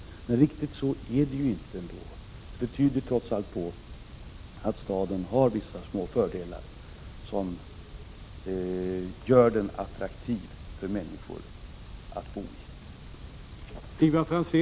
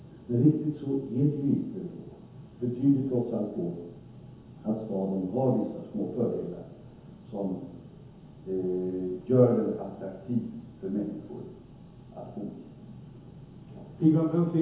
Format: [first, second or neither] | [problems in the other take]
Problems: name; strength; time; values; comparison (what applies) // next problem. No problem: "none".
first | room echo; dies away in 1 s